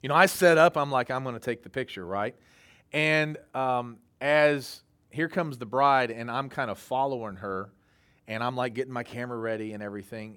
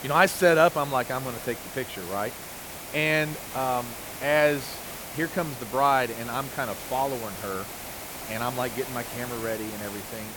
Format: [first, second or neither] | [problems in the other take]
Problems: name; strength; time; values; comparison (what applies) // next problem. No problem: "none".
first | hiss; loud; throughout; 10 dB below the speech